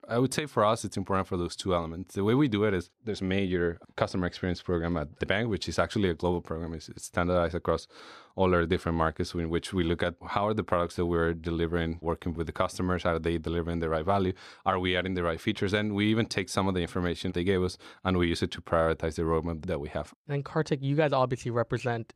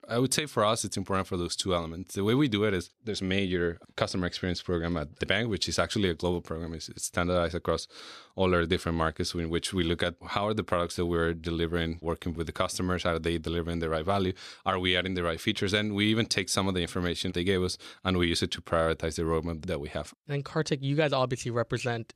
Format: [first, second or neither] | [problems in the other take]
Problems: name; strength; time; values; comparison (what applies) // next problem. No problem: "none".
second | muffled; very slightly; fading above 2.5 kHz